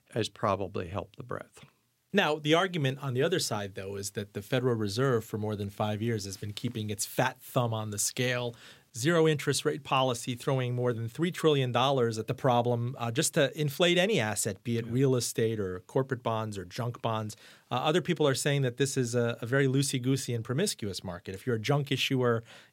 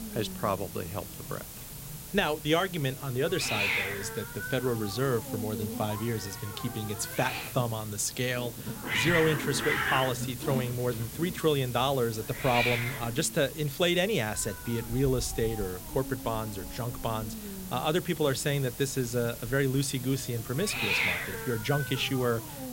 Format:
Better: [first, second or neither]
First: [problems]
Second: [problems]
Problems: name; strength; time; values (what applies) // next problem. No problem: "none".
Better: first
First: none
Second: hiss; loud; throughout; 4 dB below the speech